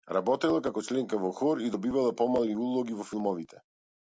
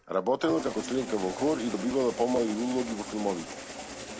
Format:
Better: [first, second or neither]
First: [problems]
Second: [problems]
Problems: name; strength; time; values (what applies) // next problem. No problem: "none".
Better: first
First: none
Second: background sound (Engine starting); 10 dB below the speech